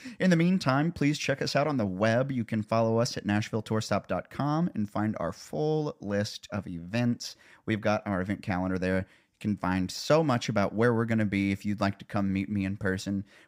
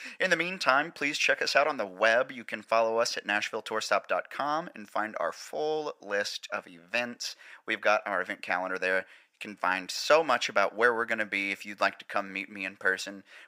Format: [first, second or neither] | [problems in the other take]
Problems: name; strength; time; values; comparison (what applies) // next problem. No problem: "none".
first | thin; very; fading below 600 Hz